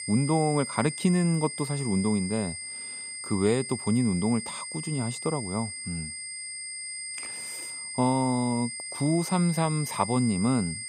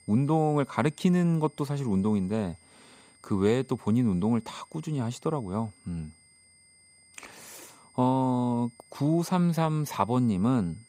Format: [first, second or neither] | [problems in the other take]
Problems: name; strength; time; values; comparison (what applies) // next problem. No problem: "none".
second | high-pitched whine; loud; throughout; 8.5 kHz, 7 dB below the speech; faint in the second